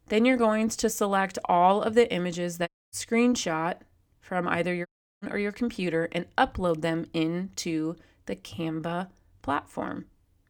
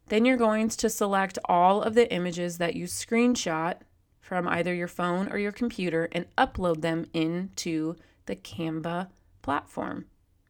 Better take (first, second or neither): second